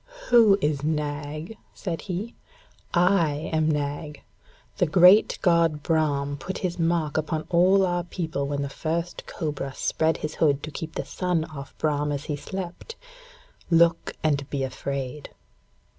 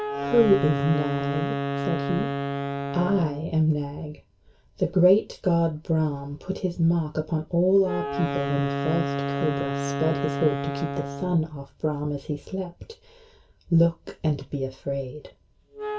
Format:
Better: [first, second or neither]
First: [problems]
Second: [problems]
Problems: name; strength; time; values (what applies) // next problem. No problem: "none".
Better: first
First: none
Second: background sound (Wind instrument, woodwind instrument); 6 dB below the speech // room echo; dies away in 0.2 s